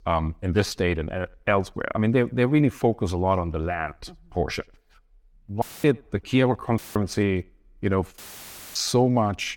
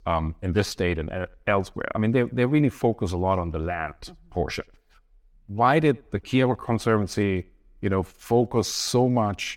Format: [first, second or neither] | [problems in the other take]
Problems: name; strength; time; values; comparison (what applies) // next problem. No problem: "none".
second | audio cutting out; filled with static; at 5.5 s, at 7 s and at 8 s for 0.5 s